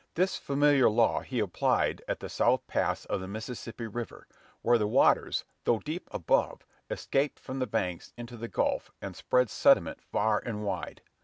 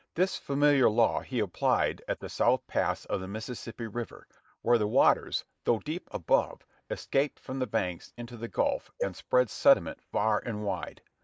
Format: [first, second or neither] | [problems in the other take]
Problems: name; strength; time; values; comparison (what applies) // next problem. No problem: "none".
first | noise reduction (neural mask model Resemble Enhance denoiser)